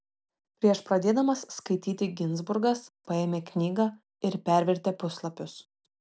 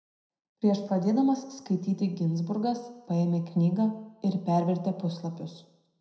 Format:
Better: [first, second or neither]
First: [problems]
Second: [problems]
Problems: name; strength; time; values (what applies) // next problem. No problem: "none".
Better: first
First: none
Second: room echo; dies away in 0.8 s